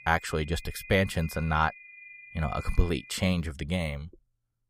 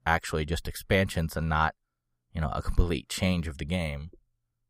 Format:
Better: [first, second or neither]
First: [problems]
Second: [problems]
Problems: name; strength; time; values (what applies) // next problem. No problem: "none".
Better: second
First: high-pitched whine; noticeable; until 3 s; 2.5 kHz, 15 dB below the speech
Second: none